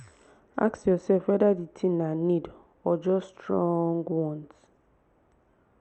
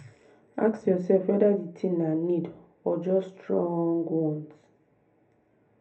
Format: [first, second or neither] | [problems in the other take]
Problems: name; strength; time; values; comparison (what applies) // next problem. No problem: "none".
first | room echo; dies away in 0.3 s